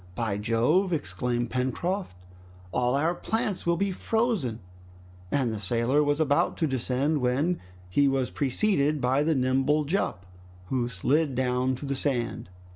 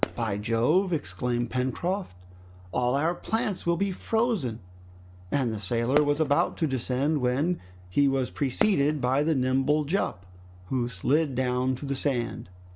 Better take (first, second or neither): first